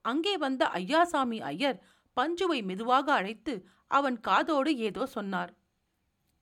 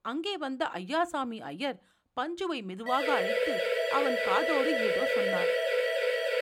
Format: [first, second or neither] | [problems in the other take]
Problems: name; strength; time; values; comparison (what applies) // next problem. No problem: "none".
first | siren; loud; from 3 s on; peak 6 dB above the speech